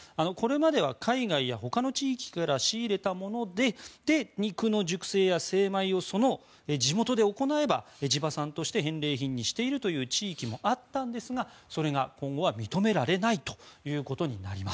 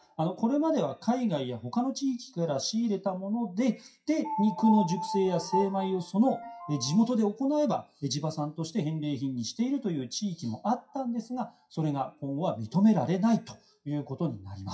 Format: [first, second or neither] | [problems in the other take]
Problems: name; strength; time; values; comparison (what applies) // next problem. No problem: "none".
first | noise reduction (classical method WPE with log-MMSE)